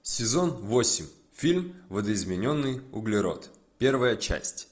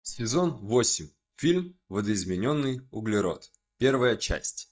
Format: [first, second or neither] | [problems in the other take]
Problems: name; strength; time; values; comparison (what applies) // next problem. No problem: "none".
first | noise reduction (neural mask model DeepFilterNet 3)